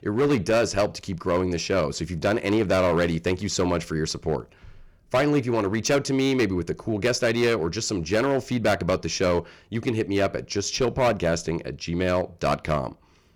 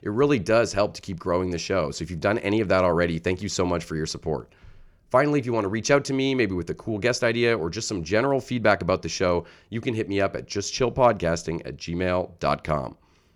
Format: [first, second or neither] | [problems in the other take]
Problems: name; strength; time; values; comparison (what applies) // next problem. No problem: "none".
second | distortion; slight; 7% of the sound clipped